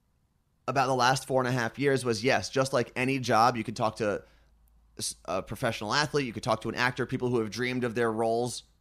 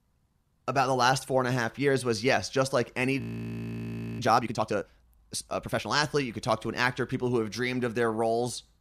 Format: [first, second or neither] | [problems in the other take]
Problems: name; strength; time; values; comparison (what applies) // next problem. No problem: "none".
first | audio freezing; at 3 s for 1 s